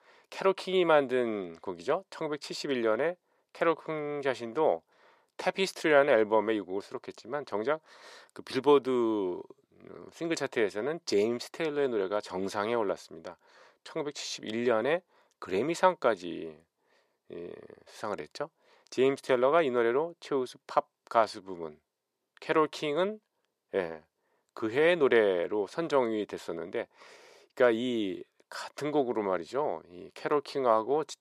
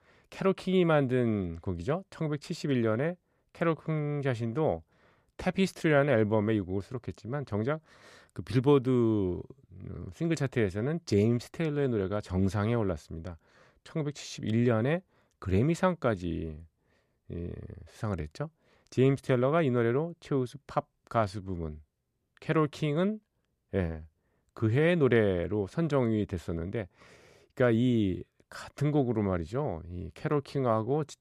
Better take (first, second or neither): second